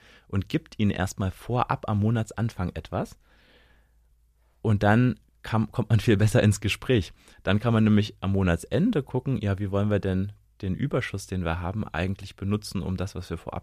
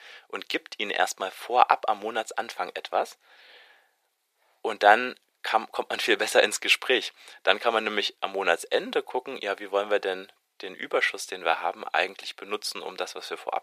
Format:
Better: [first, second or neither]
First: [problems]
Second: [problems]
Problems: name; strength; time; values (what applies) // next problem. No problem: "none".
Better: first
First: none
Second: thin; very; fading below 400 Hz